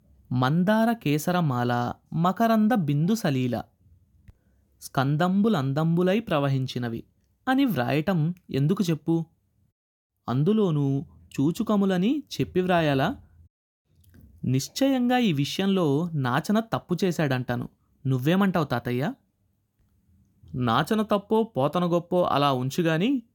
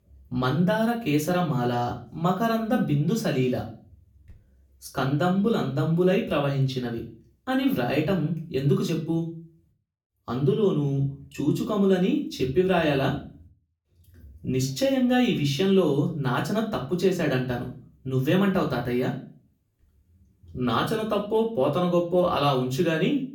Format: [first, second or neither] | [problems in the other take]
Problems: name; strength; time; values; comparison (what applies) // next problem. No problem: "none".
first | room echo; slight; dies away in 0.3 s // off-mic speech; far